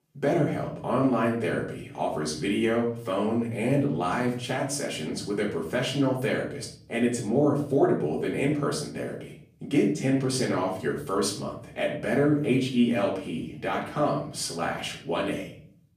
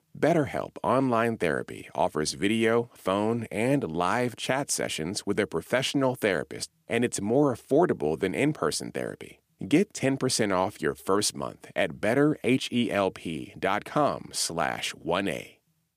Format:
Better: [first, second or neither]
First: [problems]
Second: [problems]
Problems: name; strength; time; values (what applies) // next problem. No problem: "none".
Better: second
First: off-mic speech; far // room echo; slight; dies away in 0.6 s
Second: none